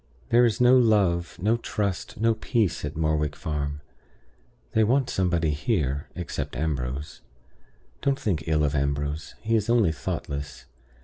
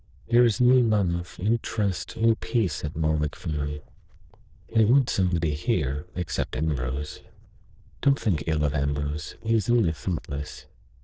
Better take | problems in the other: first | noise reduction (neural diffusion model UNIVERSE++)

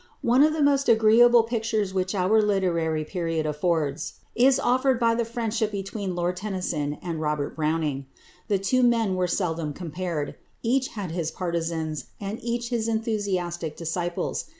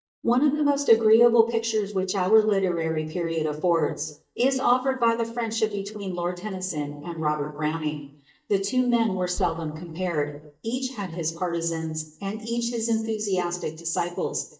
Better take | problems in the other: first | noise reduction (neural mask model DeepFilterNet 3)

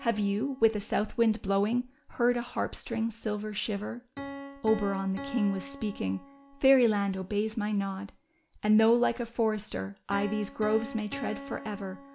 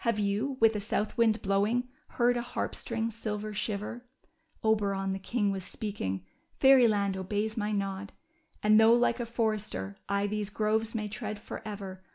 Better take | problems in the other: second | background sound (Piano); 16 dB below the speech

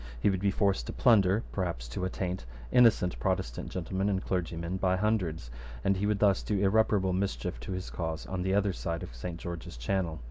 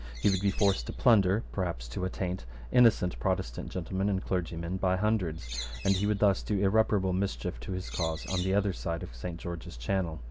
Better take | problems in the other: first | background sound (Bird); 12 dB below the speech

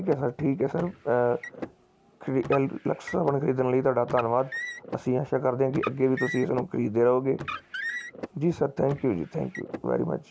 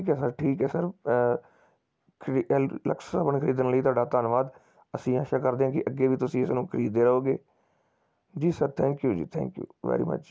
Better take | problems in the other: second | background sound (Car); 13 dB below the speech

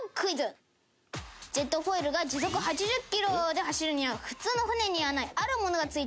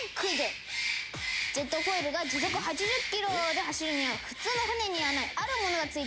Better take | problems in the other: first | background sound (Bird); 2 dB below the speech

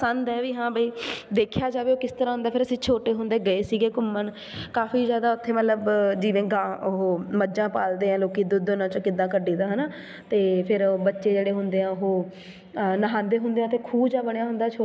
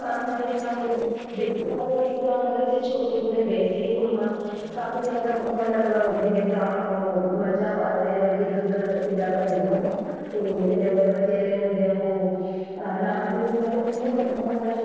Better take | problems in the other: first | noise reduction (neural separator model SepFormer DNS4)

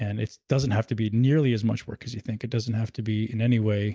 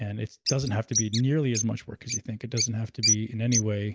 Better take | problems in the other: first | background sound (Bird); 3 dB below the speech

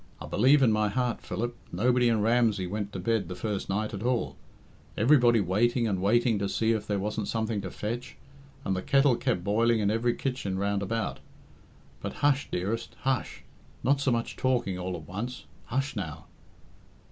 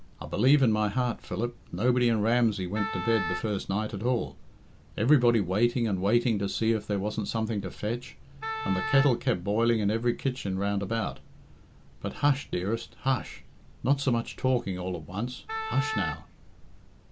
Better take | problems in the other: first | background sound (Wind instrument, woodwind instrument); 7 dB below the speech

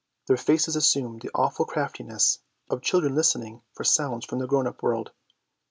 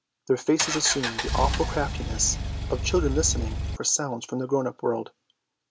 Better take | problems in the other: first | background sound (Engine); 1 dB below the speech

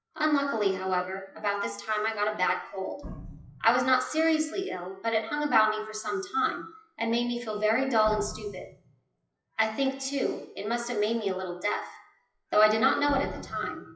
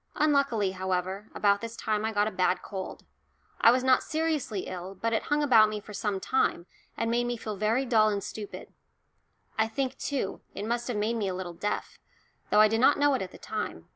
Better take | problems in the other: second | noise reduction (classical method WPE with log-MMSE)

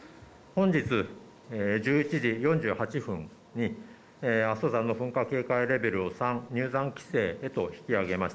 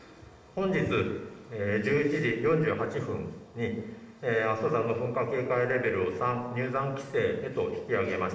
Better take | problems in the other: first | room echo; dies away in 1.2 s

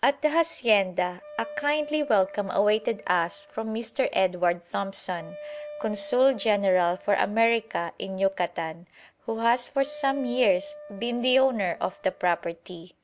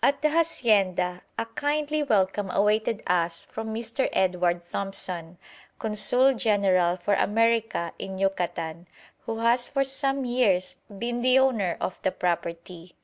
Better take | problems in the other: second | background sound (Wind instrument, woodwind instrument); 17 dB below the speech

